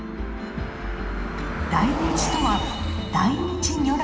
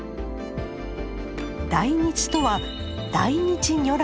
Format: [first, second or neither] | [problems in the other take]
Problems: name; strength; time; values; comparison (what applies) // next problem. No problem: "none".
second | background sound (Car passing by); 8 dB below the speech // room echo; dies away in 2 s